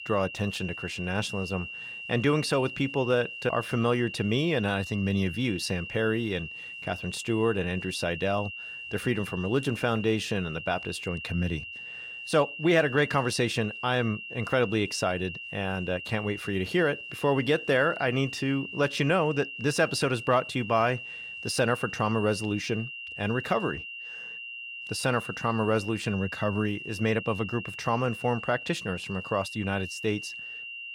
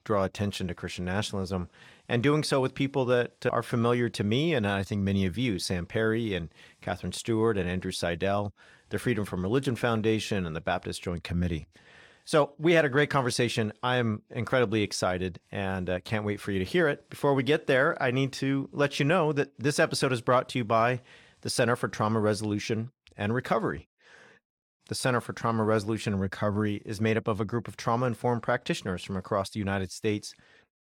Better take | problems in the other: second | high-pitched whine; loud; throughout; 3 kHz, 9 dB below the speech

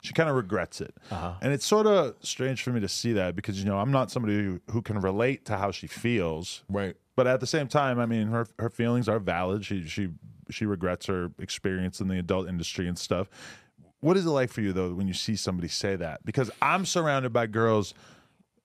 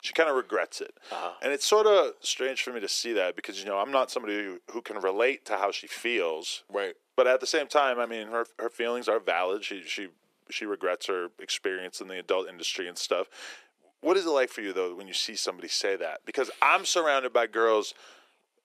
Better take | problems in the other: first | thin; very; fading below 350 Hz

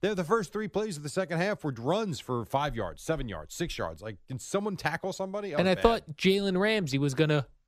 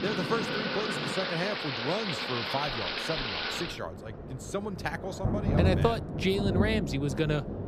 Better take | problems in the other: first | rain or running water; very loud; throughout; 1 dB above the speech

